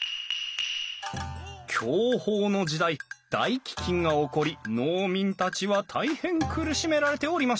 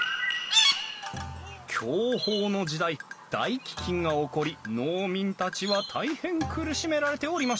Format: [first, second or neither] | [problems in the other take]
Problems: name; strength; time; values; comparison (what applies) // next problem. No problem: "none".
first | background sound (Chirp, tweet); 5 dB below the speech